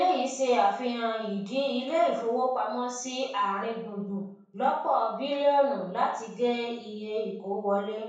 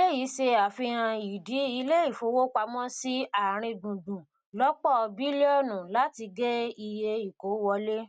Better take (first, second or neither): second